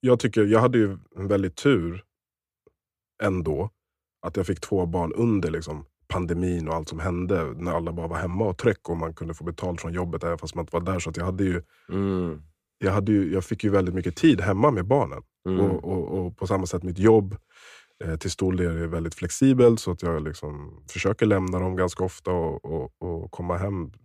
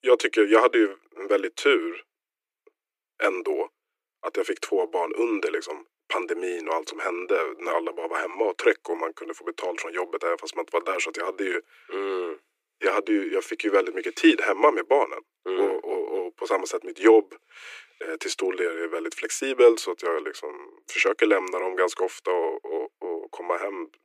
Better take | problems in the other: first | thin; very; fading below 300 Hz

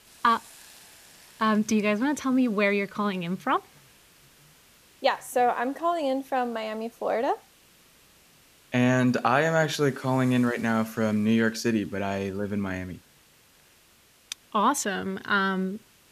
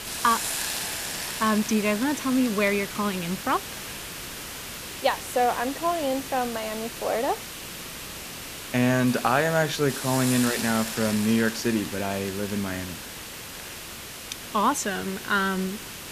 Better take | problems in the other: first | hiss; loud; throughout; 7 dB below the speech; faint in the first

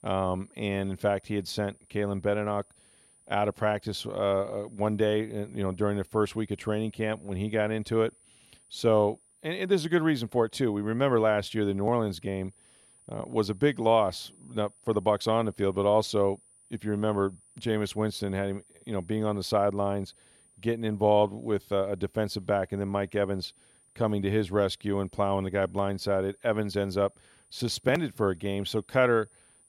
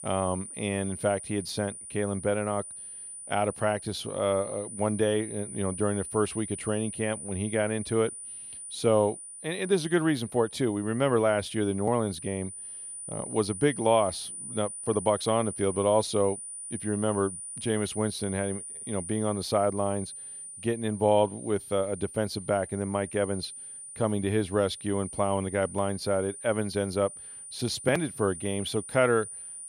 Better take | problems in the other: first | high-pitched whine; loud; throughout; 9.5 kHz, 10 dB below the speech; faint in the first

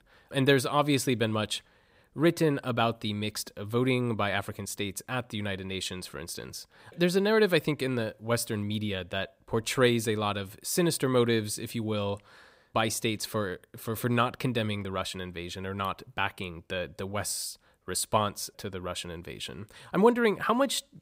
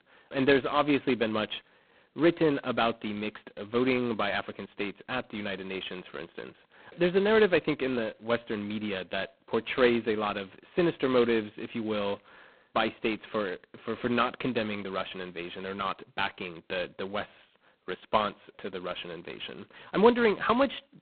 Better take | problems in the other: first | phone-call audio; poor line; nothing above 4 kHz

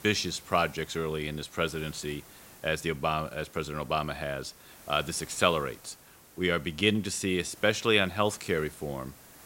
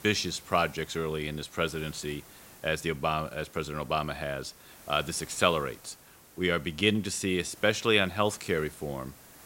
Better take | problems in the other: neither | hiss; faint; throughout; 20 dB below the speech; the same in both

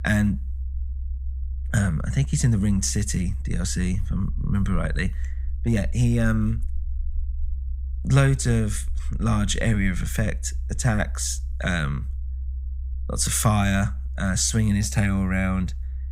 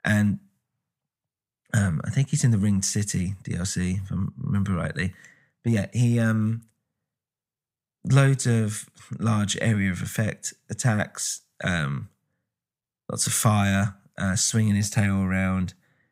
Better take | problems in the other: second | low rumble; faint; throughout; 25 dB below the speech

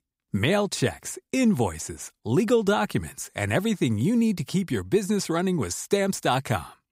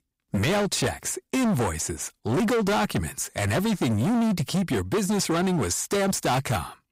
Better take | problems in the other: first | distortion; heavy; 25% of the sound clipped

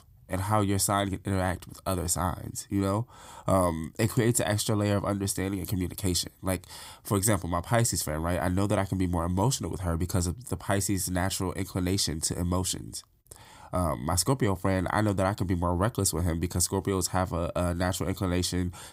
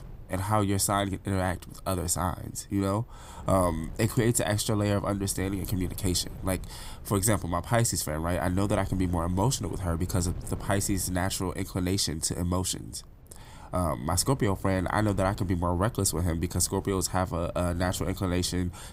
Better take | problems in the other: first | wind noise on the microphone; occasional gusts; 25 dB below the speech

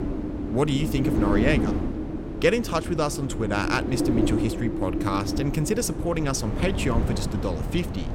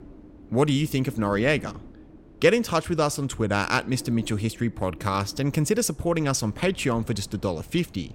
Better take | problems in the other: second | wind noise on the microphone; heavy; 4 dB below the speech; occasional gusts in the second

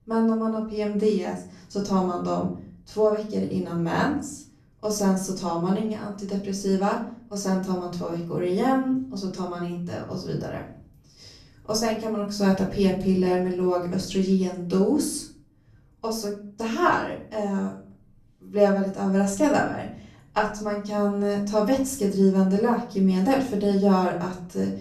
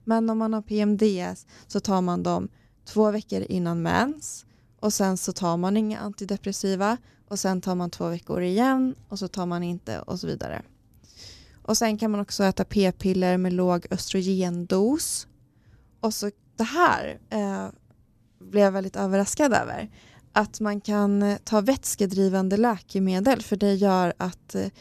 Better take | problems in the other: second | off-mic speech; far // room echo; slight; dies away in 0.5 s

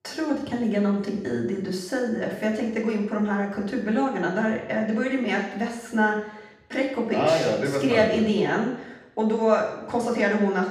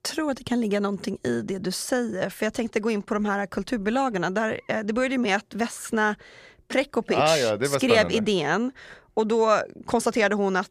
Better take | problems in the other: second | room echo; noticeable; dies away in 0.8 s // off-mic speech; far

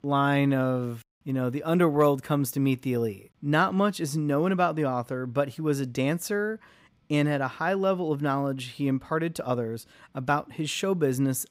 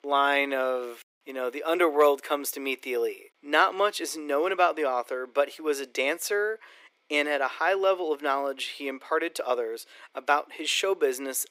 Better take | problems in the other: first | thin; very; fading below 350 Hz

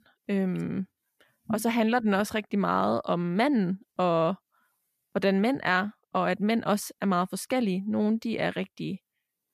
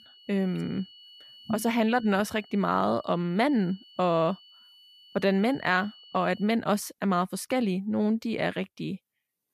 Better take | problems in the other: first | high-pitched whine; faint; until 6.5 s; 3 kHz, 25 dB below the speech

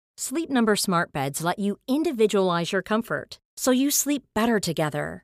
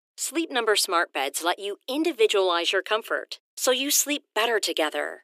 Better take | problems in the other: first | thin; somewhat; fading below 300 Hz

